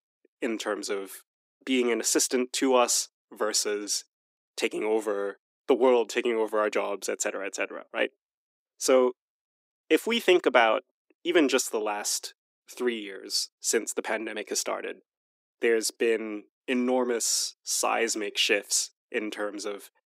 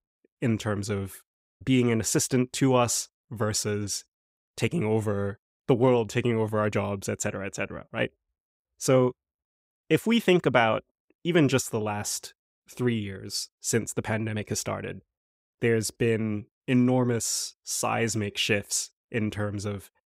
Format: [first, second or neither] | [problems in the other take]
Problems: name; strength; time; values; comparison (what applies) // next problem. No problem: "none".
second | thin; somewhat; fading below 300 Hz